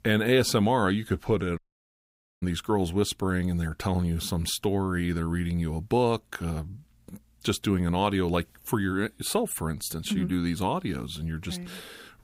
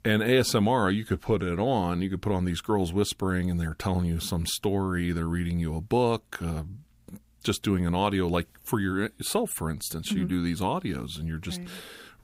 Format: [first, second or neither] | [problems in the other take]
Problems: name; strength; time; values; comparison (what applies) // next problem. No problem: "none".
second | audio cutting out; at 1.5 s for 1 s